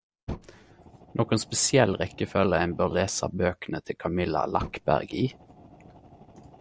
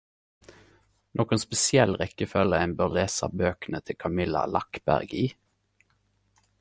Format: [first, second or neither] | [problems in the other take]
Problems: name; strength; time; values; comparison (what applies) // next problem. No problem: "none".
second | background sound (Fire); 18 dB below the speech